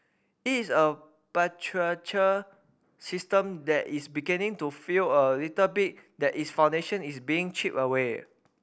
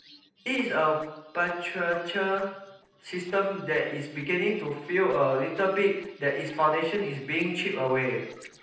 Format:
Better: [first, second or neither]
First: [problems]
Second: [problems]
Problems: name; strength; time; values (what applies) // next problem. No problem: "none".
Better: first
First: none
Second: noise reduction (neural separator model SepFormer DNS4)